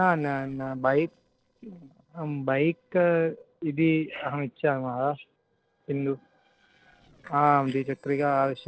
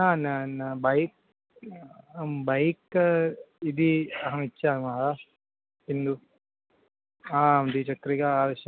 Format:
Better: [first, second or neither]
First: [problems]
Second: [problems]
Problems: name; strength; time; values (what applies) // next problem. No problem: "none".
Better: second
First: noise reduction (neural separator model SepFormer DNS4)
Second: none